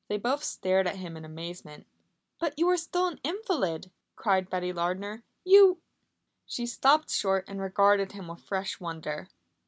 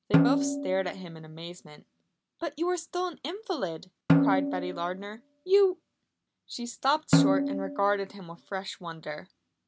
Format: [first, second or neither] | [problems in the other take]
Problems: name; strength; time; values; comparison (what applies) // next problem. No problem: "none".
first | background sound (Snare drum); 2 dB above the speech